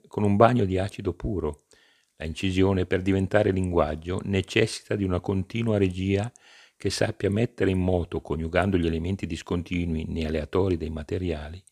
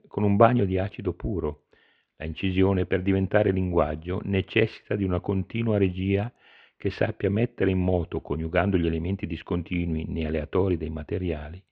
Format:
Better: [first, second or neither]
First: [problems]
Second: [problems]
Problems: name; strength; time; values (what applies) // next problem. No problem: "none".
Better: first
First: none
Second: muffled; very; fading above 3 kHz